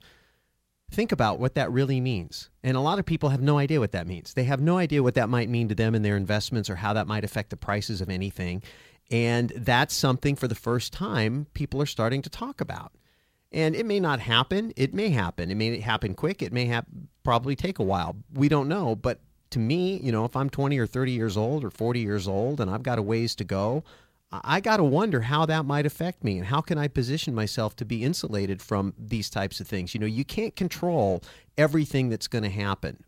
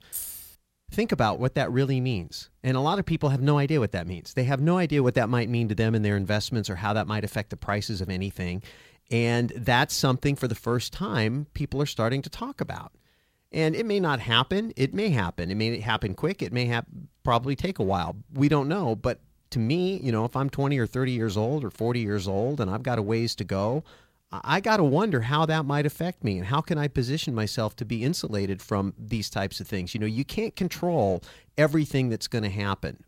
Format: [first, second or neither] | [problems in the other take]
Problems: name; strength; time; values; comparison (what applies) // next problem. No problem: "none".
first | jangling keys; noticeable; at the start; peak 7 dB below the speech